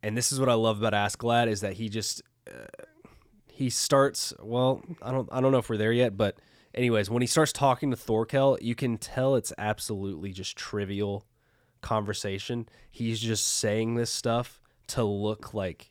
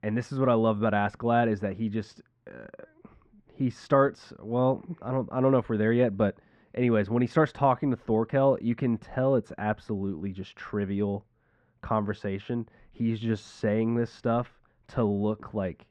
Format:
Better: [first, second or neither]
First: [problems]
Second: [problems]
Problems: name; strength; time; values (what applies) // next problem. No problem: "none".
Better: first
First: none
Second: muffled; very; fading above 1.5 kHz